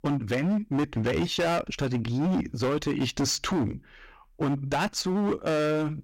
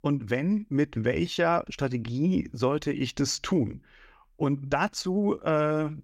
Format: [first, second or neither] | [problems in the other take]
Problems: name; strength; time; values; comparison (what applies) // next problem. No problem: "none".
second | distortion; heavy; 20% of the sound clipped